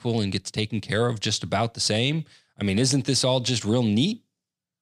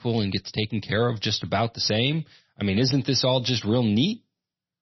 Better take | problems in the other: first | garbled, watery; slightly; nothing above 6 kHz

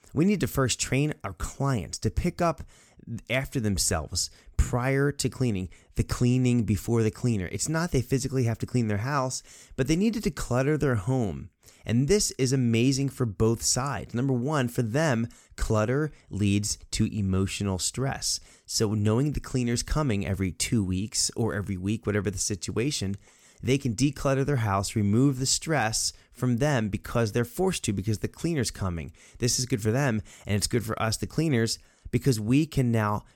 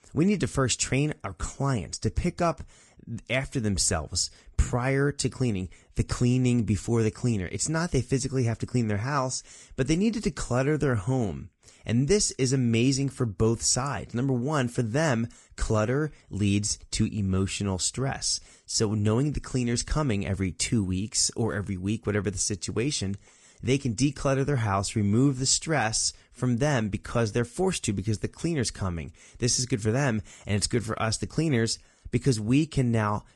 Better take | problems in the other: first | garbled, watery; slightly

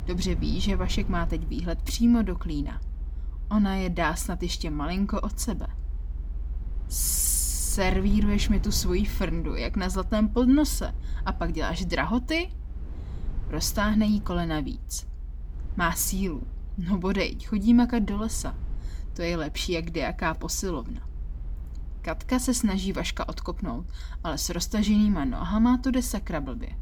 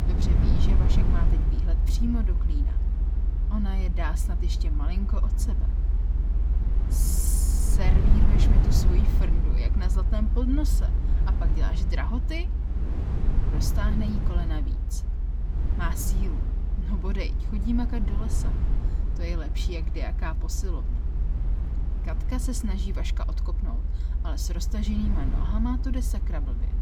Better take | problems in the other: first | low rumble; loud; throughout; 4 dB below the speech; faint in the first

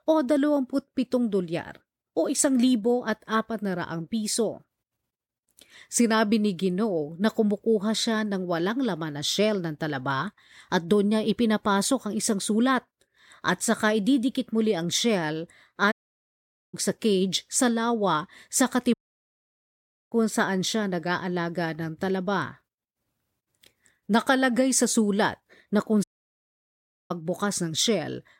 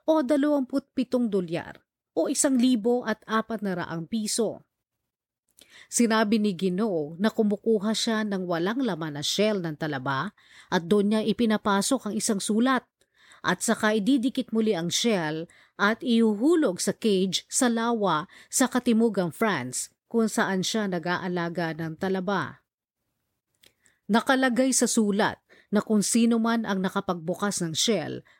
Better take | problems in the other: second | audio cutting out; at 16 s for 1 s, at 19 s for 1 s and at 26 s for 1 s

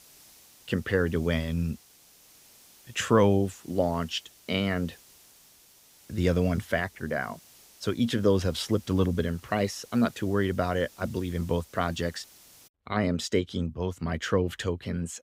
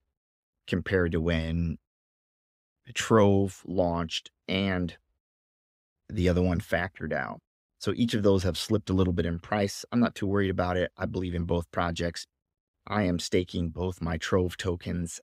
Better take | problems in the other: second | hiss; faint; until 13 s; 25 dB below the speech

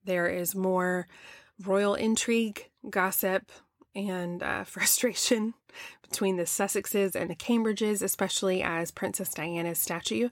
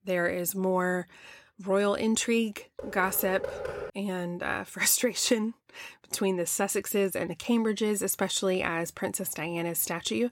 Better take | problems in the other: first | door banging; noticeable; from 3 to 4 s; peak 7 dB below the speech

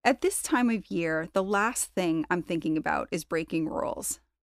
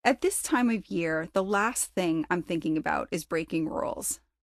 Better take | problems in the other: first | garbled, watery; slightly; nothing above 12 kHz

